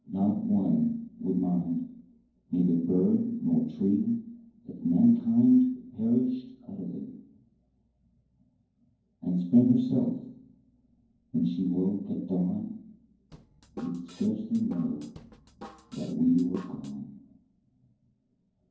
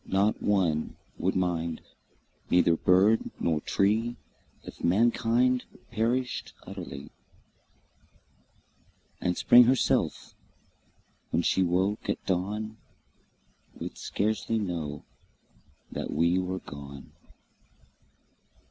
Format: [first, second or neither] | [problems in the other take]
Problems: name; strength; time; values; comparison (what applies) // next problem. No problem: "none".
second | noise reduction (neural separator model SepFormer DNS4)